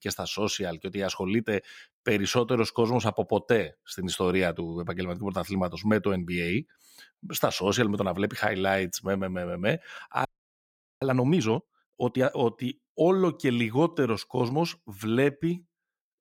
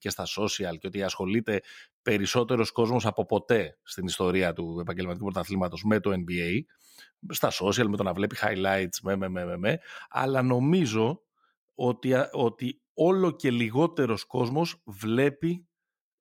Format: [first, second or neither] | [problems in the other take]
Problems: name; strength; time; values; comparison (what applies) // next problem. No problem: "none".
second | audio freezing; at 10 s for 1 s